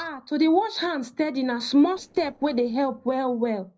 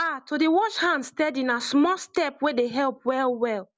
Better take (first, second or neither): second